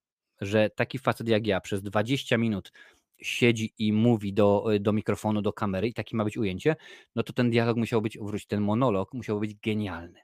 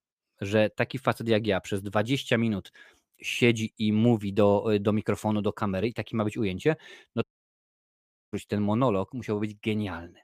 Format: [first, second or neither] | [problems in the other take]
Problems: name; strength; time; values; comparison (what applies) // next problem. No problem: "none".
first | audio cutting out; at 7 s for 1 s